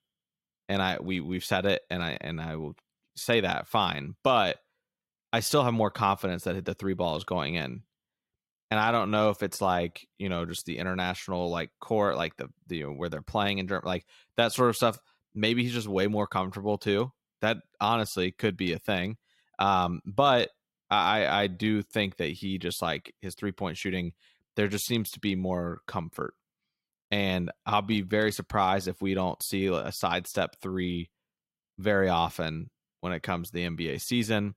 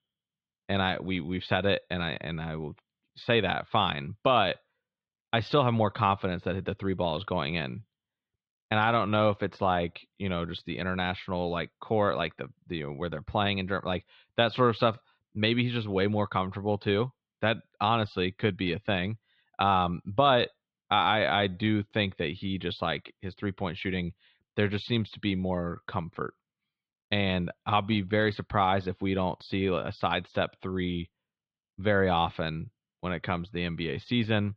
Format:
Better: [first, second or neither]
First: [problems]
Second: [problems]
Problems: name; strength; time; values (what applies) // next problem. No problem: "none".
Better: first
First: none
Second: muffled; slightly; fading above 4 kHz